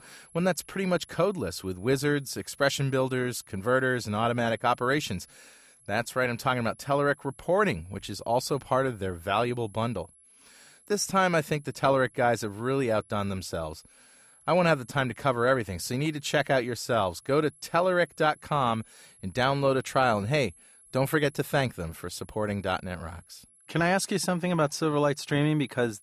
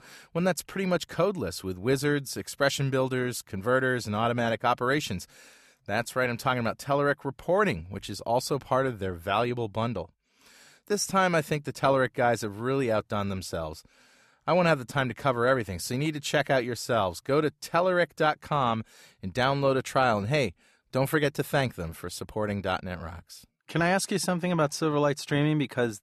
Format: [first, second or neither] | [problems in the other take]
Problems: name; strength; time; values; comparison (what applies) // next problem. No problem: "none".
second | high-pitched whine; faint; throughout; 11 kHz, 30 dB below the speech